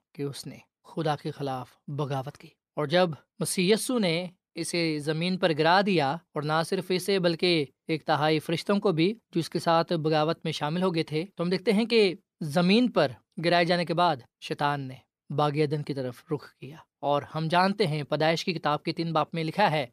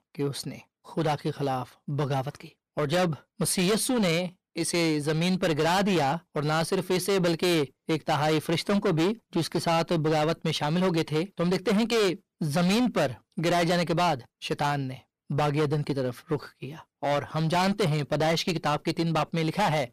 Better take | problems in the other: first | distortion; heavy; 17% of the sound clipped

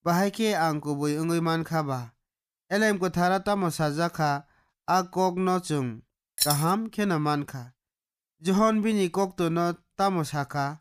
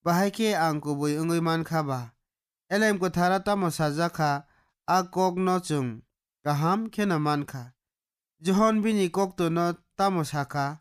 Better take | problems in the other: second | jangling keys; loud; at 6.5 s; peak 1 dB above the speech

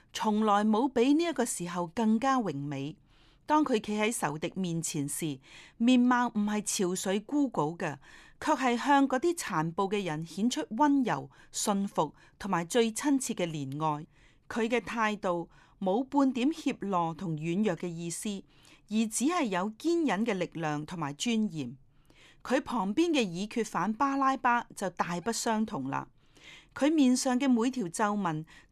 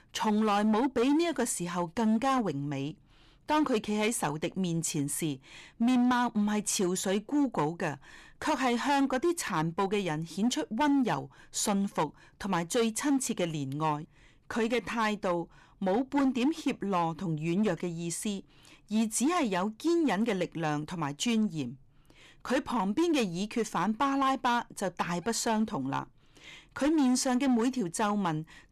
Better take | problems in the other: first | distortion; slight; 8% of the sound clipped

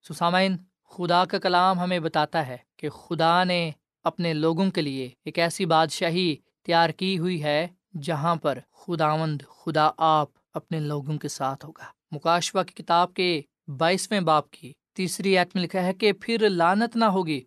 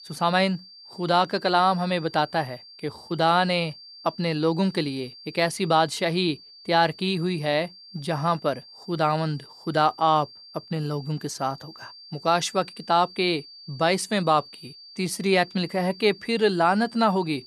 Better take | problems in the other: first | high-pitched whine; noticeable; throughout; 4.5 kHz, 20 dB below the speech

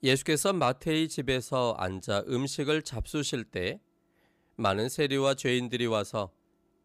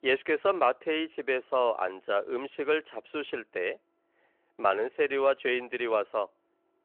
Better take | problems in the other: first | phone-call audio

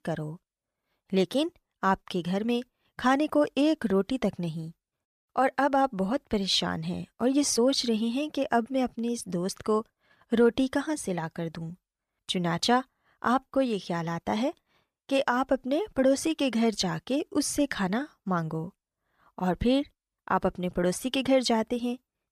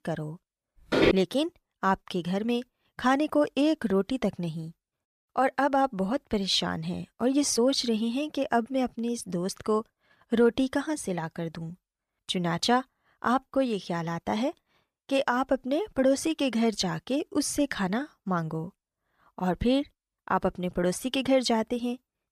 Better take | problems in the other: first | footsteps; loud; at 1 s; peak 4 dB above the speech

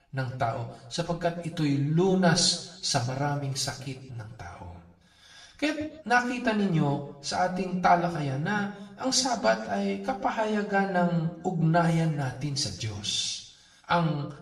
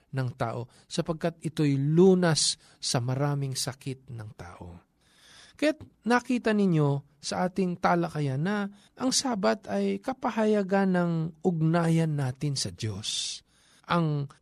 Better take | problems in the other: second | room echo; slight; dies away in 0.6 s // off-mic speech; far

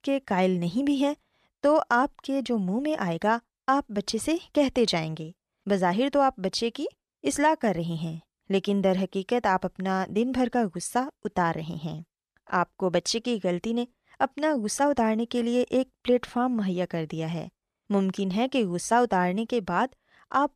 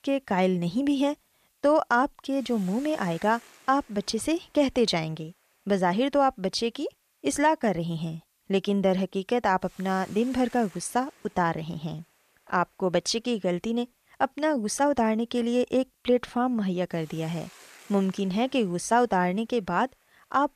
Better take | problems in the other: first | hiss; faint; throughout; 25 dB below the speech

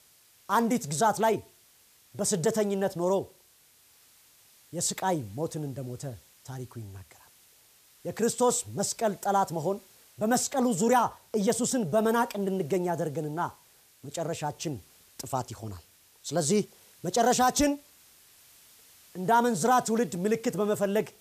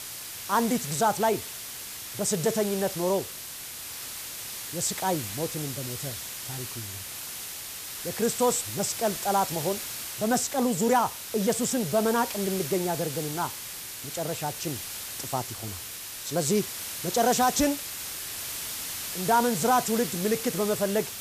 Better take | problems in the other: first | hiss; loud; throughout; 6 dB below the speech; faint in the first

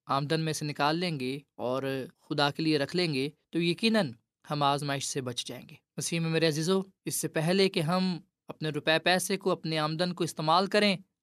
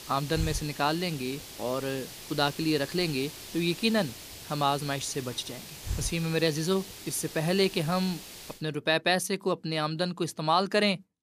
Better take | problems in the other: first | hiss; noticeable; until 8.5 s; 10 dB below the speech

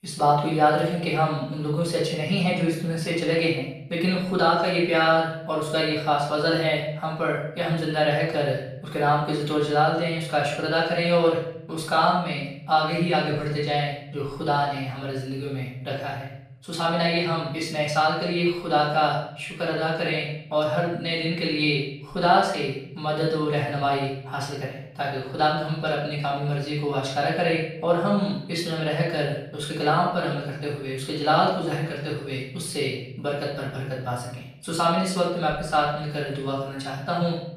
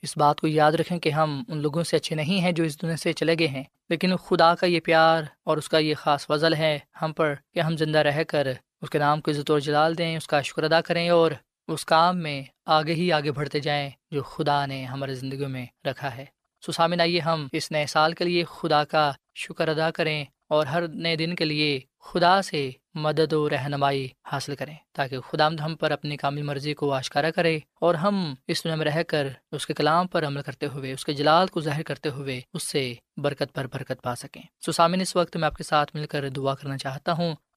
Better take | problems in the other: second | room echo; noticeable; dies away in 0.7 s // off-mic speech; far

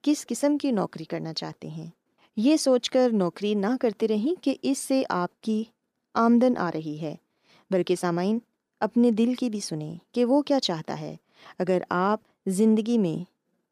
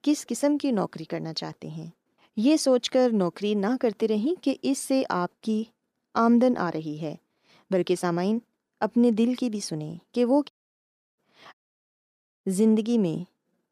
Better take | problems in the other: first | audio cutting out; at 11 s for 0.5 s and at 12 s for 1 s

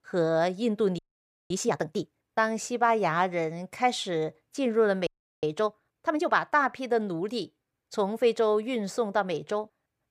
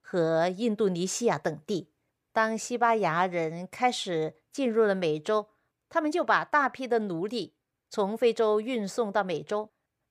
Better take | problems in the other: second | audio freezing; at 1 s for 0.5 s and at 5 s

